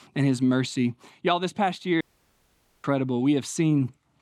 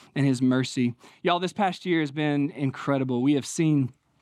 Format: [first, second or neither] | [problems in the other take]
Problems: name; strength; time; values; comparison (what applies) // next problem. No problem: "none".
second | audio cutting out; at 2 s for 1 s